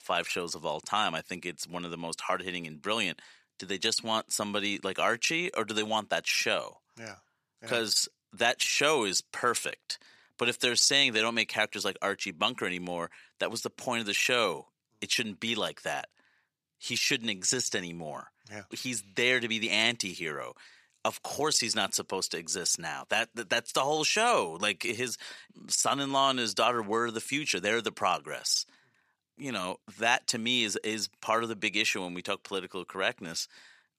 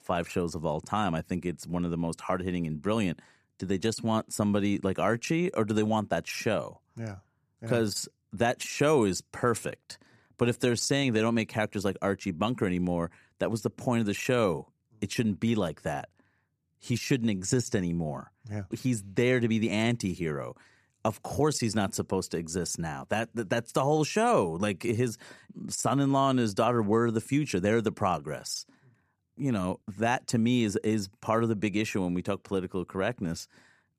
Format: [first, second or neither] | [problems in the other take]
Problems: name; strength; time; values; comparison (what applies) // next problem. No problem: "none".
second | thin; somewhat; fading below 1 kHz